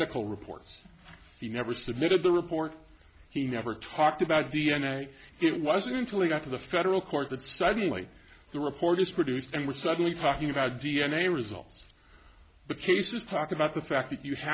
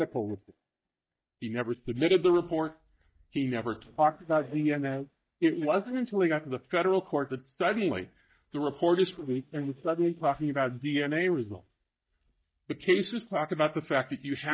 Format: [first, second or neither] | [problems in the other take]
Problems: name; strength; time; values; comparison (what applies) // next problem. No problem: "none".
first | noise reduction (neural mask model DeepFilterNet 3)